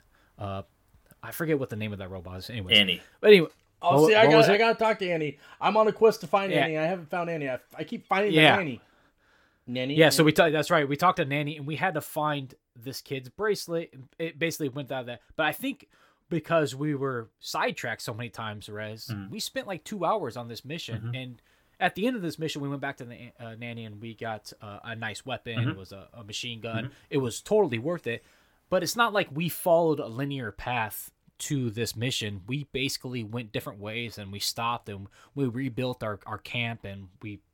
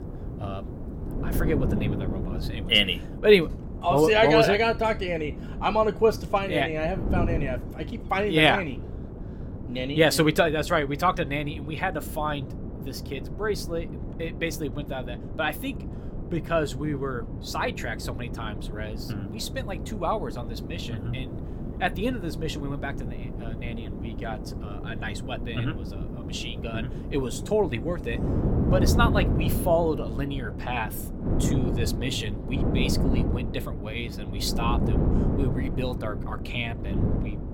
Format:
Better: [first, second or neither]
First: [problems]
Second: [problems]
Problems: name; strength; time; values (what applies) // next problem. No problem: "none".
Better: first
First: none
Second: wind noise on the microphone; occasional gusts; 10 dB below the speech